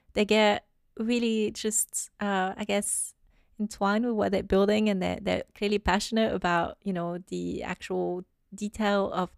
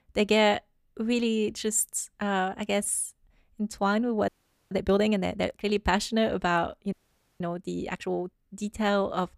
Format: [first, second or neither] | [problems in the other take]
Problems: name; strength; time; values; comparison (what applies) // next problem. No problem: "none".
first | audio freezing; at 4.5 s and at 7 s